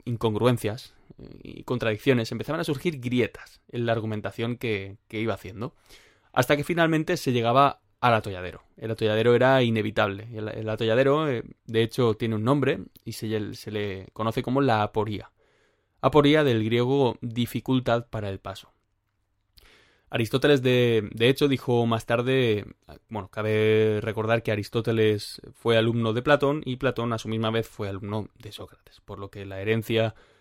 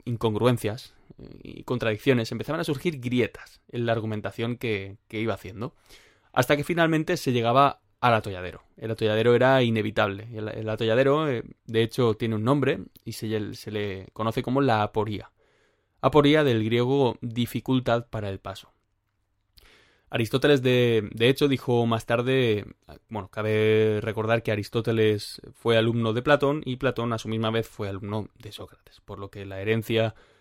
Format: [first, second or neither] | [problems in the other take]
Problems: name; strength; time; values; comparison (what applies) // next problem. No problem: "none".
neither | none